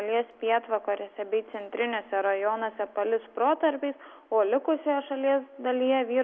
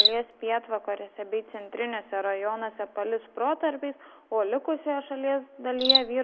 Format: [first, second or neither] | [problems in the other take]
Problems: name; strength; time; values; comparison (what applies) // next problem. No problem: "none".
first | background sound (Cricket); 3 dB below the speech